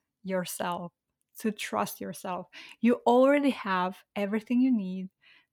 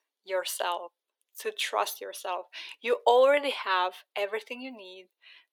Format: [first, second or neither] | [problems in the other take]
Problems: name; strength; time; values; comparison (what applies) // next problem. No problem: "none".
first | thin; very; fading below 400 Hz